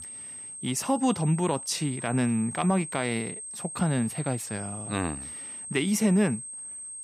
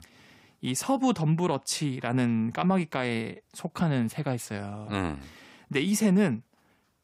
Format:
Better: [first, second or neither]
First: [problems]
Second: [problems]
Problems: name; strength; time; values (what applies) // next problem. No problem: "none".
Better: second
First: high-pitched whine; loud; throughout; 8.5 kHz, 9 dB below the speech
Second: none